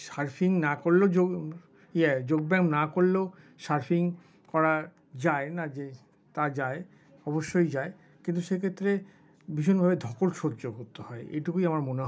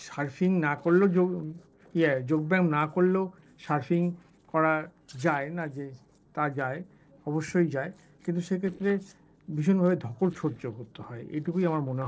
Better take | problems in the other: first | noise reduction (neural separator model SepFormer DNS4)

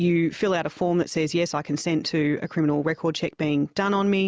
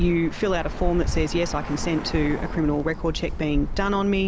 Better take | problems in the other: first | background sound (Bird); 4 dB below the speech

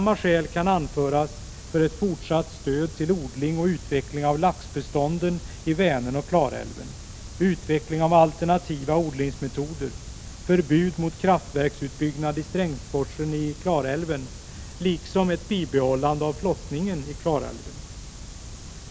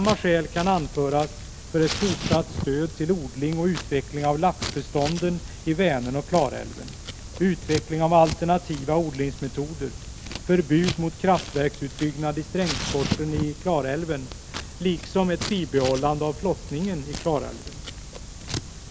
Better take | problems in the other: first | background sound (Scissors); 11 dB below the speech

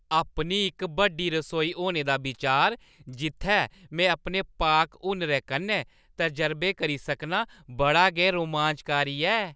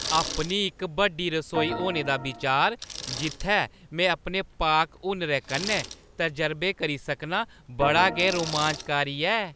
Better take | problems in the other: first | background sound (Organ + Bicycle); 10 dB below the speech

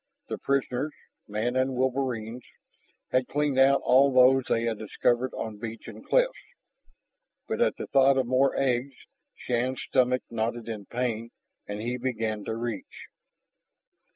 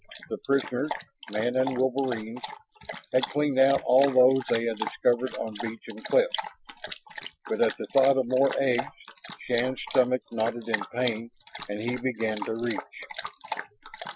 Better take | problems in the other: first | noise reduction (classical method Wiener filter)

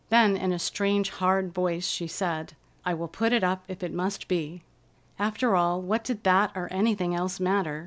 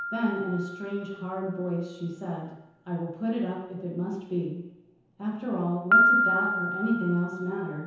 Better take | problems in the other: first | background sound (Piano); 1 dB above the speech // room echo; dies away in 0.9 s

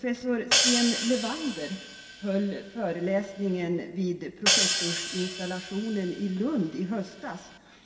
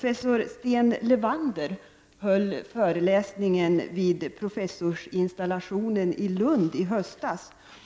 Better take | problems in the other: second | background sound (Hi-hat); 1 dB below the speech // room echo; dies away in 2.2 s

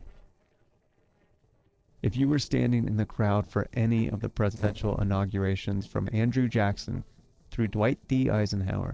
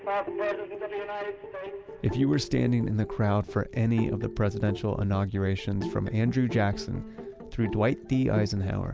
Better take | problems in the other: second | noise reduction (neural separator model SepFormer DNS4)

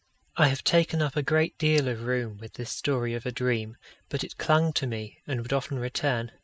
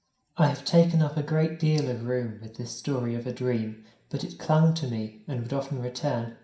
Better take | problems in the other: first | room echo; dies away in 0.5 s

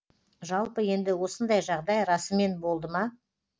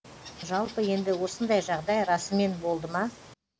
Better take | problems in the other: first | background sound (Water / Bird); 18 dB below the speech

